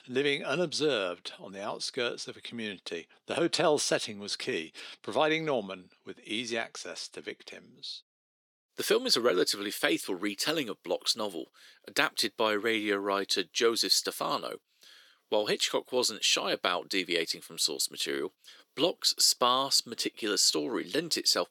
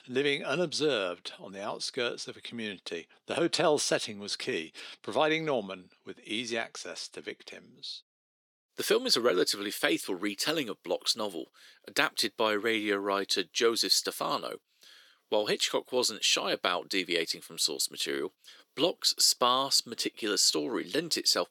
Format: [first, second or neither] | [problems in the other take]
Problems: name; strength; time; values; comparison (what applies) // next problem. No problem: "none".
neither | thin; somewhat; fading below 350 Hz; the same in both